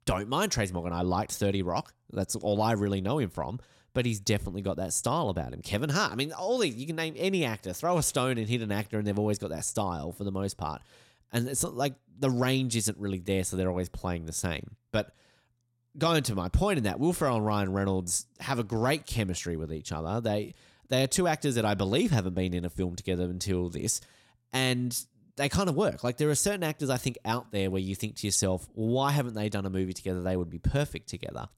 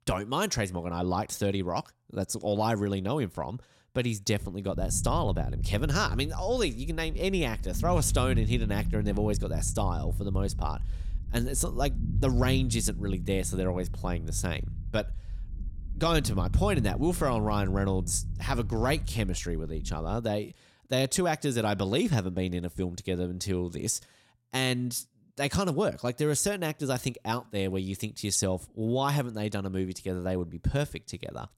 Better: first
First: none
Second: low rumble; noticeable; from 5 to 20 s; 15 dB below the speech

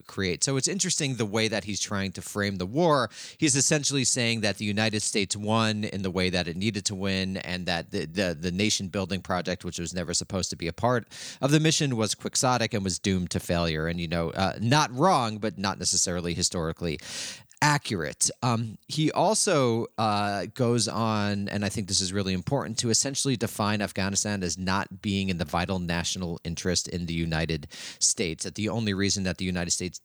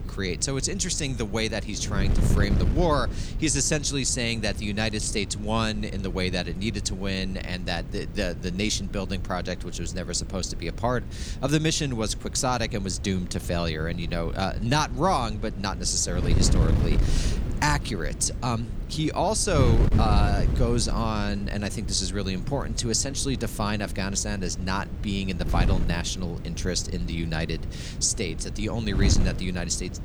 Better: first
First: none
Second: wind noise on the microphone; occasional gusts; 15 dB below the speech

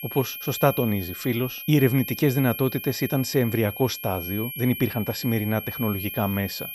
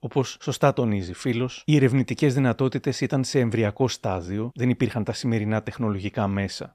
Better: second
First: high-pitched whine; loud; throughout; 2.5 kHz, 8 dB below the speech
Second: none

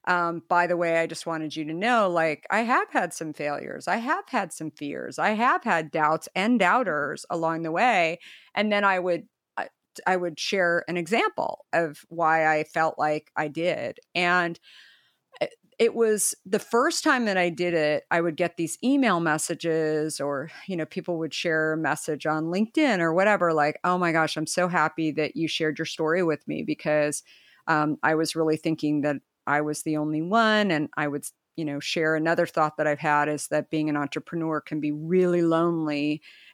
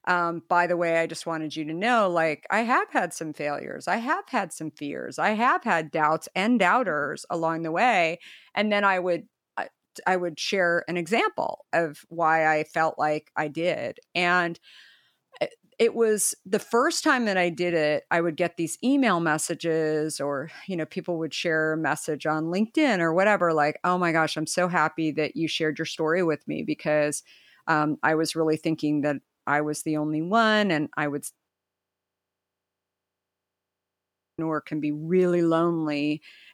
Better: first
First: none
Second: audio freezing; at 31 s for 3 s

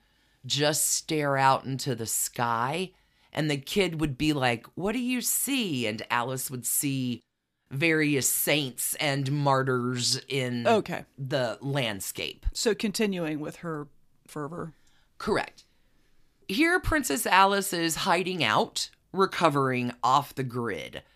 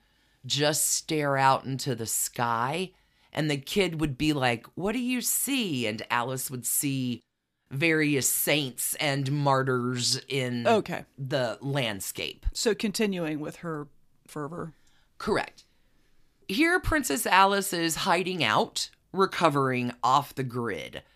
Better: neither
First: none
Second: none

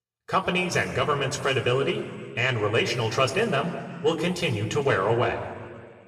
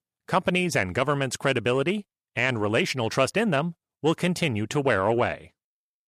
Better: second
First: room echo; noticeable; dies away in 1.7 s // off-mic speech; somewhat distant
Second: none

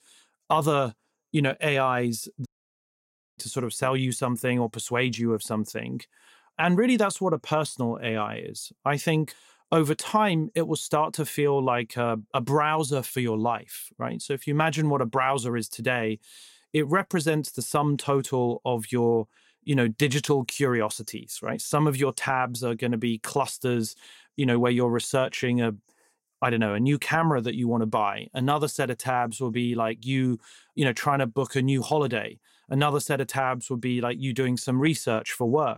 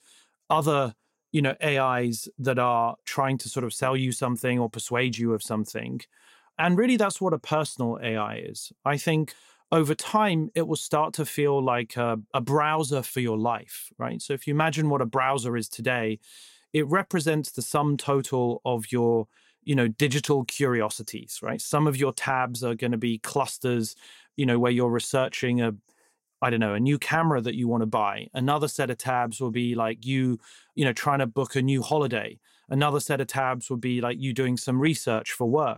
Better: second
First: audio cutting out; at 2.5 s for 1 s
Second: none

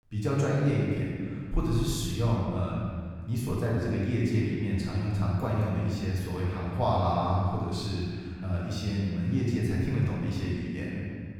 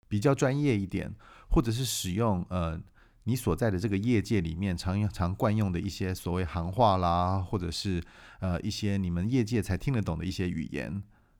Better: second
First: room echo; strong; dies away in 1.9 s // off-mic speech; far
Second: none

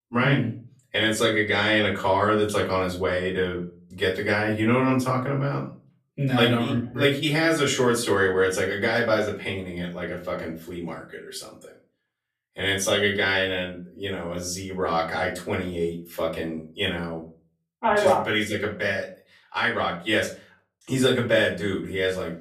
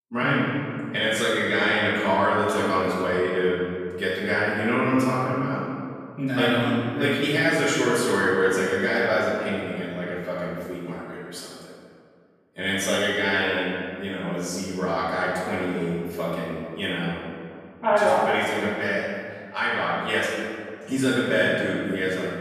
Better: first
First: room echo; slight; dies away in 0.3 s // off-mic speech; far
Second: room echo; strong; dies away in 1.9 s // off-mic speech; far

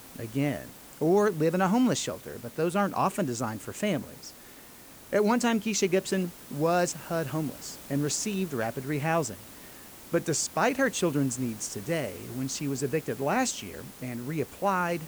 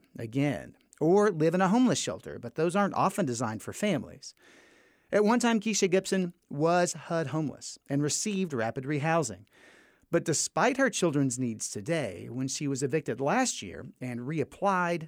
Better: second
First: hiss; noticeable; throughout; 15 dB below the speech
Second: none

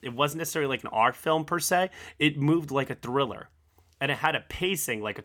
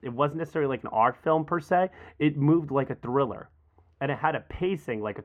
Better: first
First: none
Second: muffled; very; fading above 3 kHz

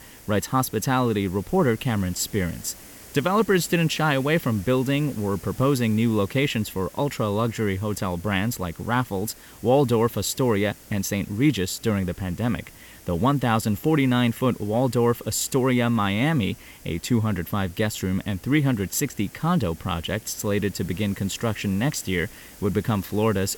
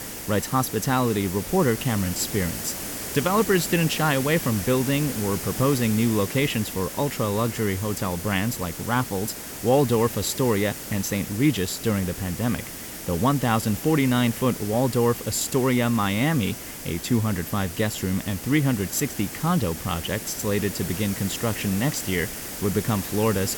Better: first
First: hiss; faint; throughout; 20 dB below the speech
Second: hiss; loud; throughout; 8 dB below the speech

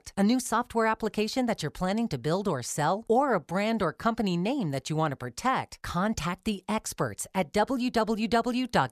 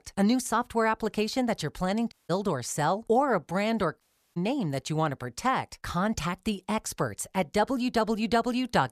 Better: first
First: none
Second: audio cutting out; at 2 s and at 4 s

